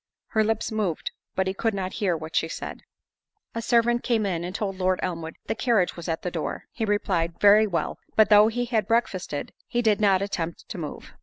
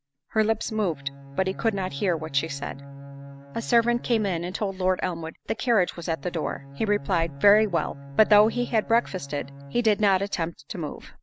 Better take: first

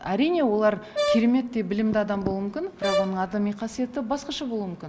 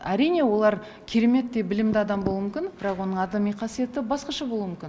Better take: second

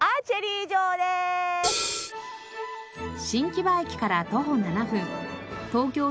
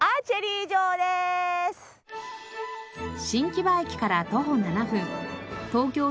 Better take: second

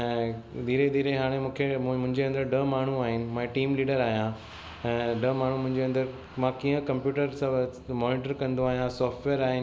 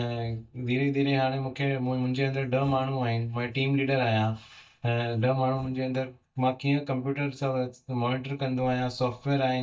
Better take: first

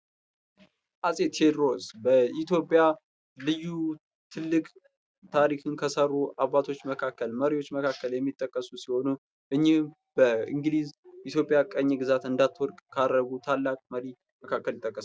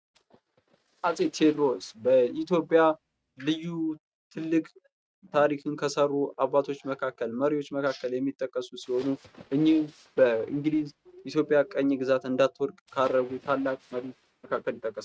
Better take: first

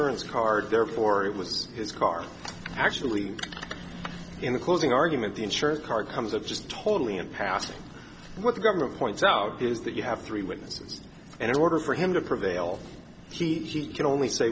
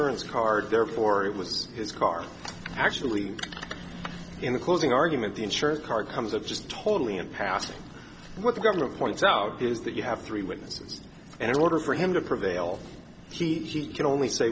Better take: first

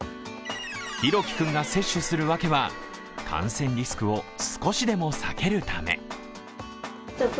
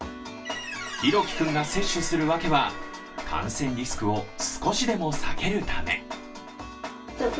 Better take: first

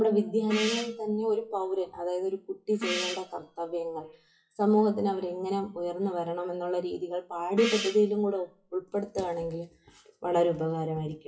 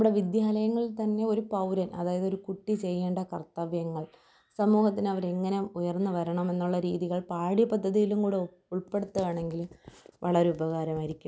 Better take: second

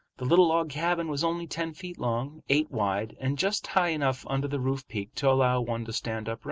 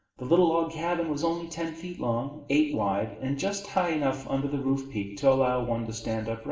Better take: first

